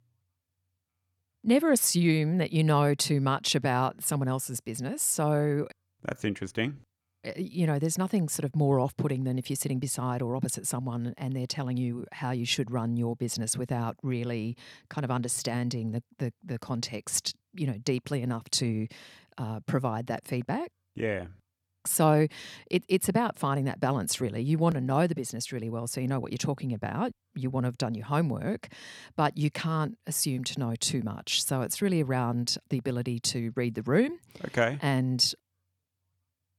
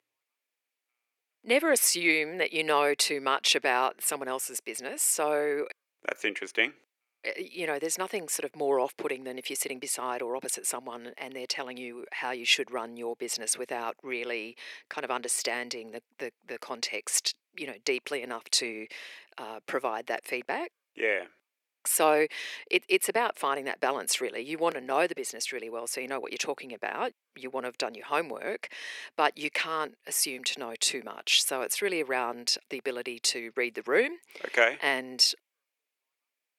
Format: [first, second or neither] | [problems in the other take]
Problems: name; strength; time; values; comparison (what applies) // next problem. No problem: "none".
first | thin; very; fading below 400 Hz